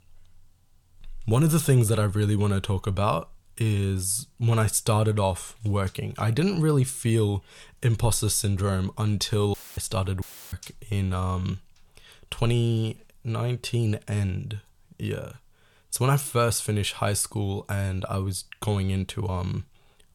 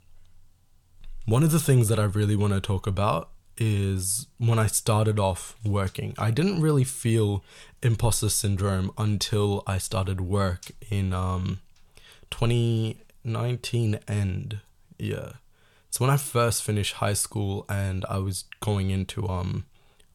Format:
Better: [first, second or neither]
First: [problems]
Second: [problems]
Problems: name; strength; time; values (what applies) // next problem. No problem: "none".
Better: second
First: audio cutting out; filled with static; at 9.5 s and at 10 s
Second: none